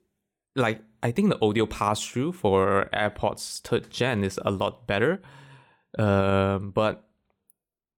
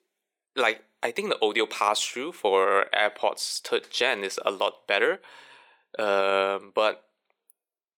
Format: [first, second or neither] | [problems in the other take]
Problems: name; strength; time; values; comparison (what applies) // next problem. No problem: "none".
first | thin; very; fading below 400 Hz